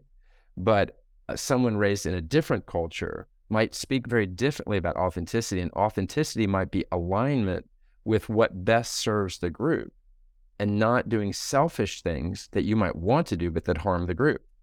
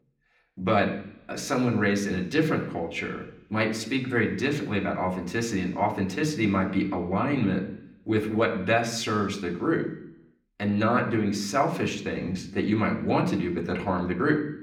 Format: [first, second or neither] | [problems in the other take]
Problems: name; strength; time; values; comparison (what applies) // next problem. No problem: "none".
first | room echo; slight; dies away in 0.8 s